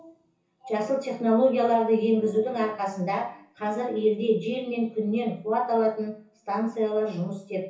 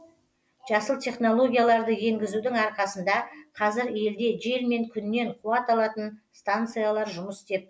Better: second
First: room echo; dies away in 0.7 s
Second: none

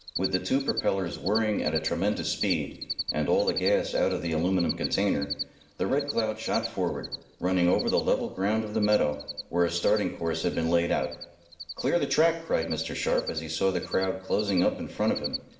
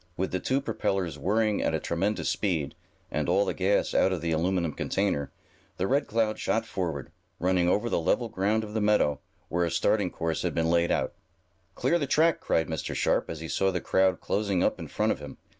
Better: second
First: background sound (Cricket); 12 dB below the speech // room echo; dies away in 0.8 s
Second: none

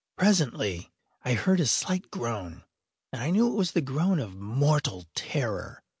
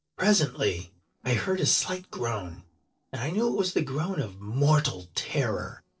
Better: first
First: none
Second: noise reduction (neural separator model SepFormer DNS4)

